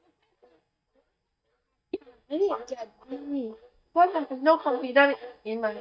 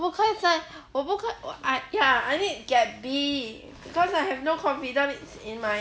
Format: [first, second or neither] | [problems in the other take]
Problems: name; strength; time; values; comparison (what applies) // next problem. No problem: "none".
second | noise reduction (neural mask model DeepFilterNet 3)